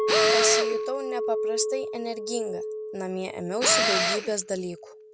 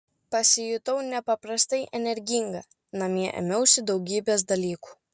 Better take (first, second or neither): second